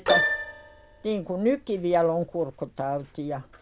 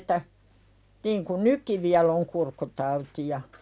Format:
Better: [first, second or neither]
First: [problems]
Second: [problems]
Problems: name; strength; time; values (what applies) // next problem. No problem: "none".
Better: second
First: background sound (Keyboard (musical)); 4 dB below the speech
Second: none